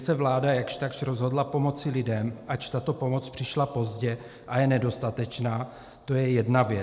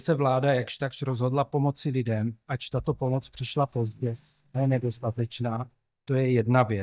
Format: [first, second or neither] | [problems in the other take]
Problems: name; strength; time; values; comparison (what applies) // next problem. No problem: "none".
first | noise reduction (neural mask model DeepFilterNet 3)